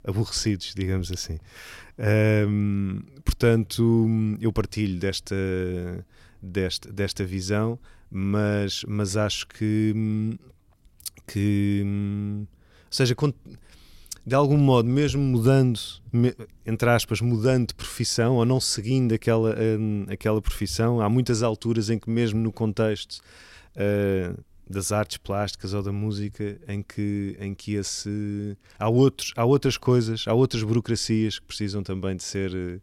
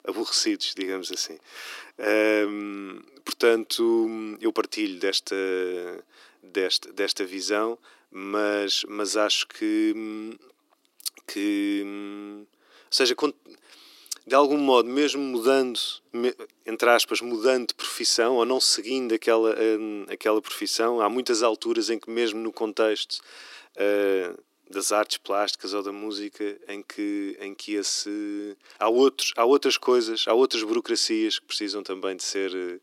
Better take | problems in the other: first | thin; somewhat; fading below 300 Hz

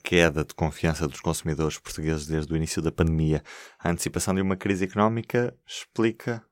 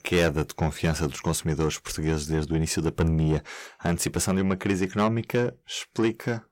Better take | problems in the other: first | distortion; slight; 10 dB below the speech

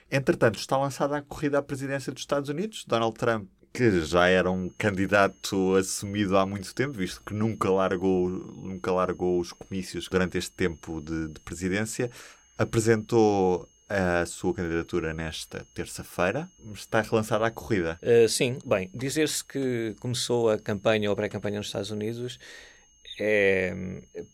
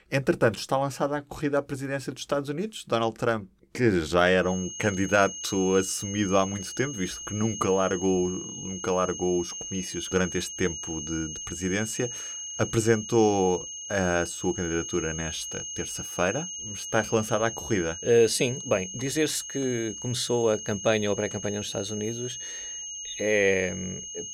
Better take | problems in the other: first | high-pitched whine; loud; from 4.5 s on; 6.5 kHz, 8 dB below the speech; faint in the first

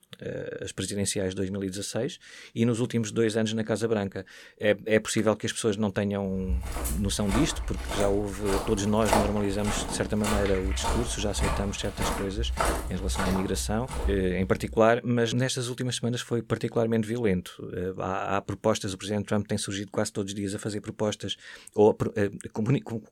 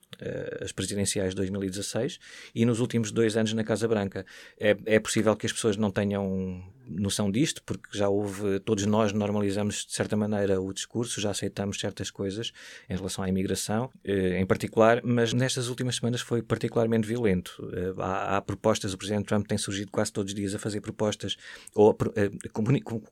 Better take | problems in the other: second | footsteps; loud; from 6.5 to 15 s; peak 2 dB above the speech

